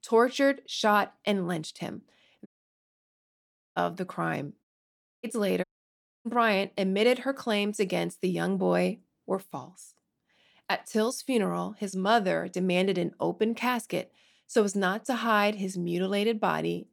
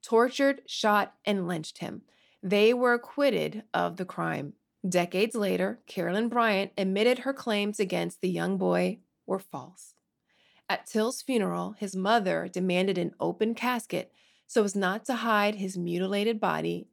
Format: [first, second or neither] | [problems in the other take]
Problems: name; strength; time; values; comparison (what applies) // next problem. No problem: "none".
second | audio cutting out; at 2.5 s for 1.5 s, at 4.5 s for 0.5 s and at 5.5 s for 0.5 s